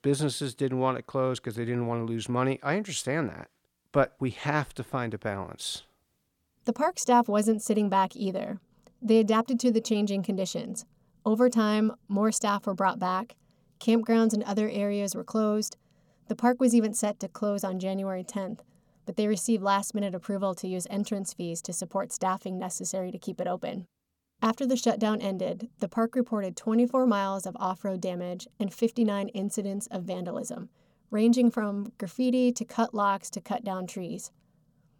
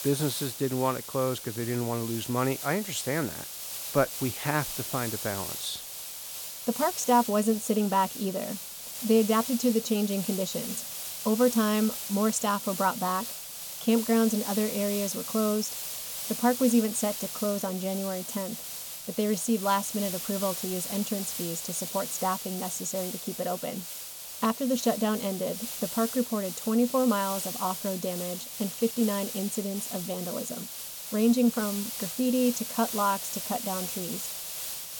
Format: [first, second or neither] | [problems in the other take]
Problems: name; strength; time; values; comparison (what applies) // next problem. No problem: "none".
first | hiss; loud; throughout; 6 dB below the speech